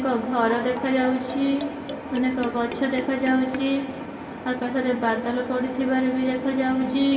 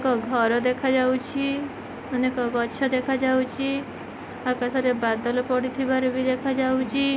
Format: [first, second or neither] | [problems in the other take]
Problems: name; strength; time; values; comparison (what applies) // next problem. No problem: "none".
second | background sound (Marimba, xylophone); 15 dB below the speech // room echo; dies away in 2.6 s